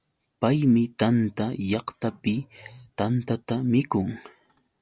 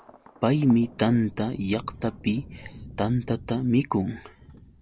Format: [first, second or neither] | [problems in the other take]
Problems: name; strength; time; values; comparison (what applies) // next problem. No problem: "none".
first | background sound (Thunder); 18 dB below the speech